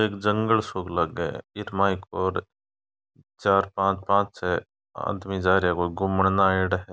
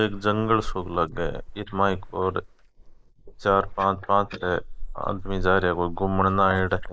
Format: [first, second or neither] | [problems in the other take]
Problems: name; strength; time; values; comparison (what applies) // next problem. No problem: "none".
first | noise reduction (neural mask model Resemble Enhance denoiser)